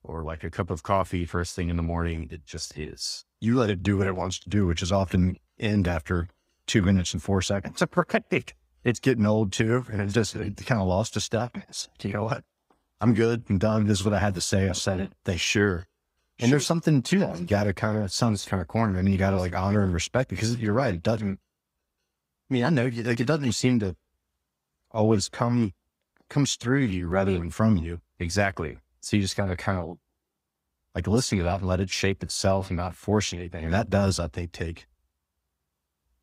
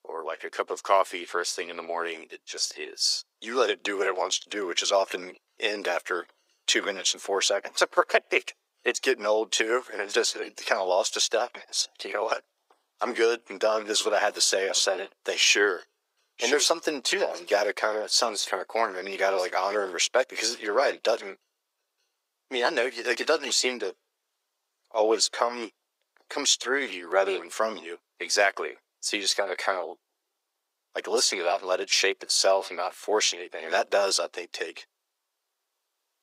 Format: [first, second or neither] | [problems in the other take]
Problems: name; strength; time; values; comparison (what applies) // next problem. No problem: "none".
first | thin; very; fading below 400 Hz